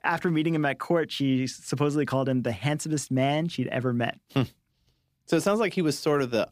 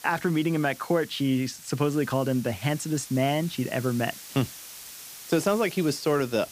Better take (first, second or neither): first